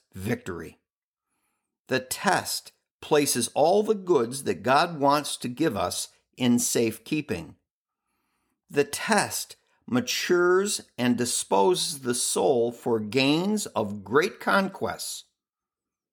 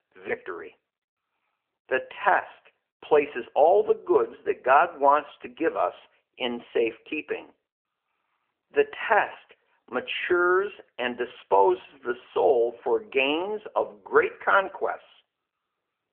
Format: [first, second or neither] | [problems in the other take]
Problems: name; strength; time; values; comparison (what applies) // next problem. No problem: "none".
first | phone-call audio; nothing above 3 kHz